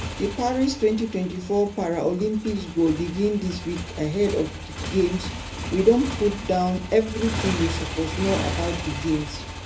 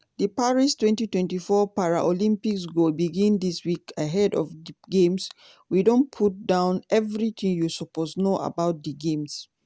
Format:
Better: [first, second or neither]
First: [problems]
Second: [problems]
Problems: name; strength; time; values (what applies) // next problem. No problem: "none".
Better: second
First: background sound (Motorcycle); 8 dB below the speech // room echo; dies away in 0.3 s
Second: none